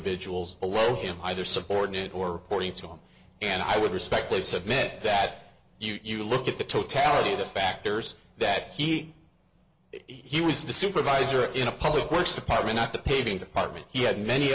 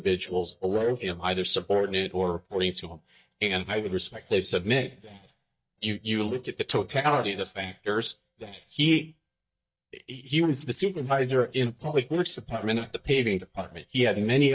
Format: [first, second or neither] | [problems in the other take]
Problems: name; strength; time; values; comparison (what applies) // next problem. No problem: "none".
first | noise reduction (neural mask model DeepFilterNet 3)